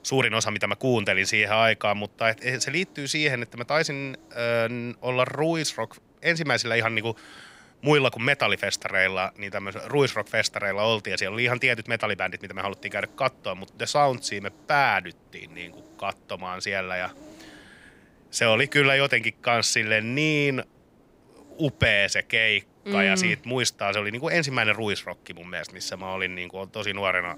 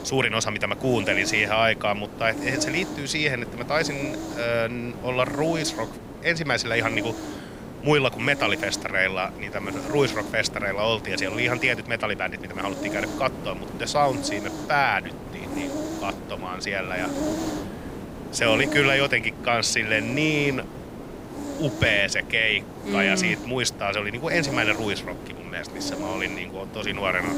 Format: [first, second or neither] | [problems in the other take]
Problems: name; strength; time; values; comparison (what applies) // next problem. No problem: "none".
first | hiss; loud; throughout; 9 dB below the speech; faint in the first